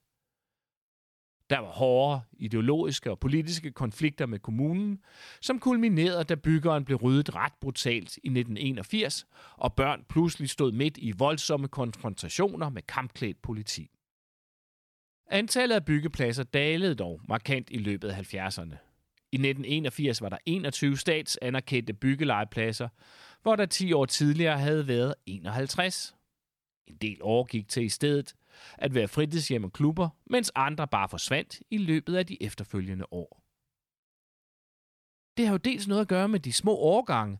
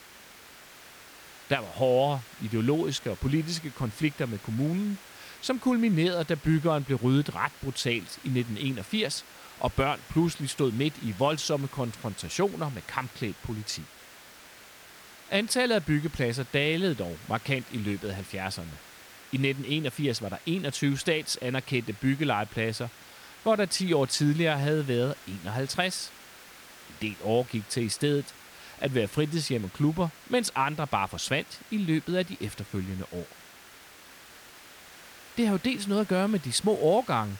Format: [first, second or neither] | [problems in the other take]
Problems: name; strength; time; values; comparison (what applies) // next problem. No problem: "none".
first | hiss; noticeable; throughout; 20 dB below the speech